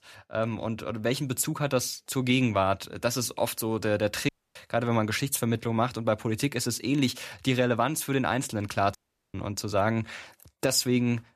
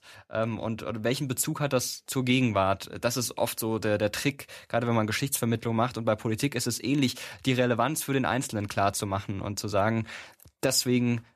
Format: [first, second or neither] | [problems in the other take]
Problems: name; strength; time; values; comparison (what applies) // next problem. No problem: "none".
second | audio cutting out; at 4.5 s and at 9 s